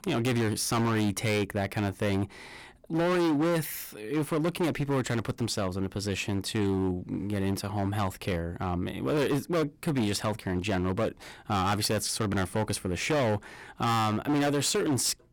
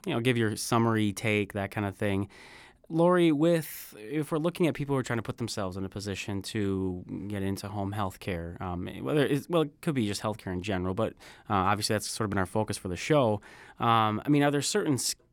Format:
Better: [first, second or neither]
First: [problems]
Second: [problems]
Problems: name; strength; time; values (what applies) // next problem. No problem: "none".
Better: second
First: distortion; heavy; 16% of the sound clipped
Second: none